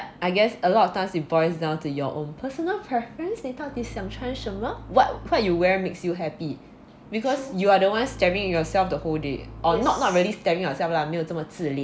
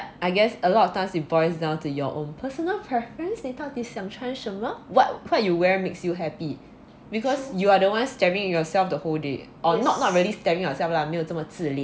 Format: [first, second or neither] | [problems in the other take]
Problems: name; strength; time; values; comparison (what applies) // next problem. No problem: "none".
second | background sound (Bowed string instrument); 17 dB below the speech